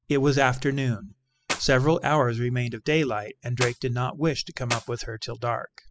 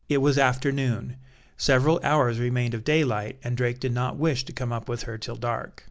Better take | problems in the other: second | noise reduction (classical method spectral subtraction)

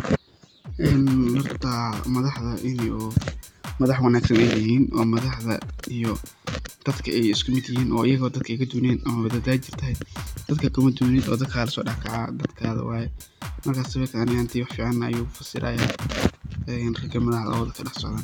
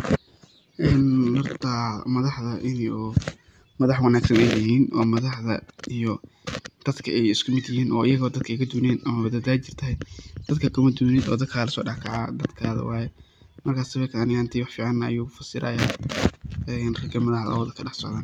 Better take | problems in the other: second | background sound (Drum kit); 13 dB below the speech

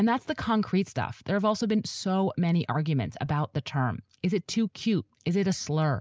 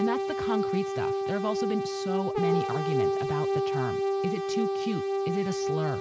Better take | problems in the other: first | background sound (Brass instrument); 4 dB above the speech

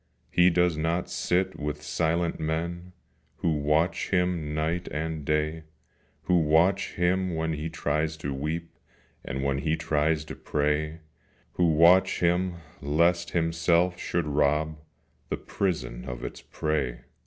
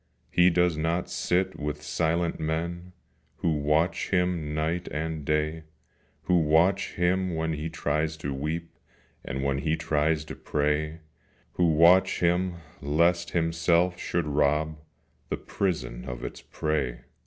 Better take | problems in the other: second | background sound (Thump, thud); 17 dB below the speech

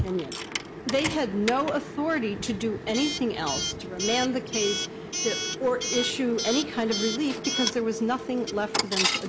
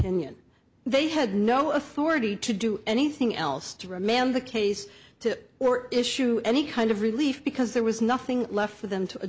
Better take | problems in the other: second | background sound (Coin (dropping) / Alarm); 4 dB below the speech

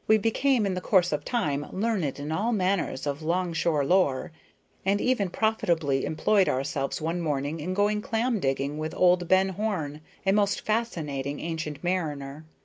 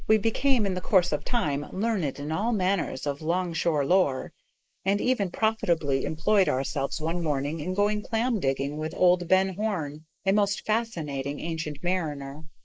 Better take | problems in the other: first | noise reduction (neural mask model Resemble Enhance denoiser)

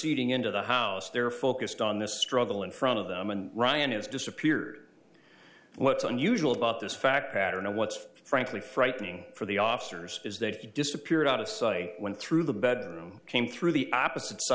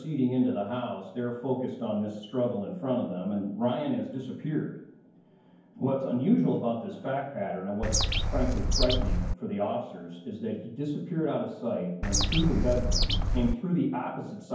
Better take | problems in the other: first | background sound (Bird); 4 dB above the speech // room echo; dies away in 0.9 s

